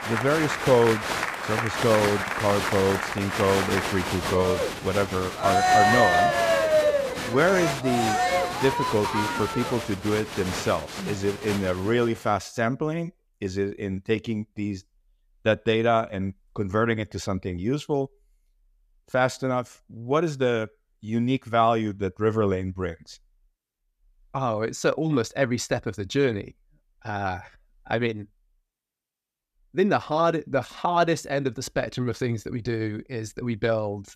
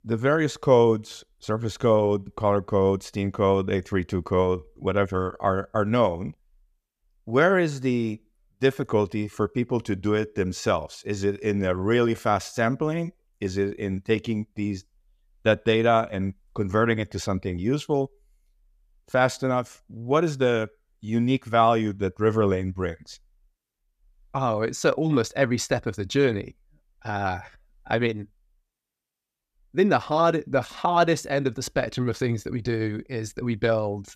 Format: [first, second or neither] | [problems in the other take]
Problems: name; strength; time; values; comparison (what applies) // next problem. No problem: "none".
second | crowd noise; very loud; until 12 s; as loud as the speech